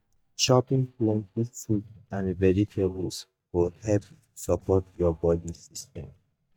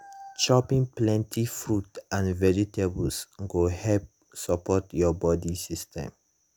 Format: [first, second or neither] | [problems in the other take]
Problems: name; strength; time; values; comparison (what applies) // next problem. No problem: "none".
second | noise reduction (neural mask model DeepFilterNet 3)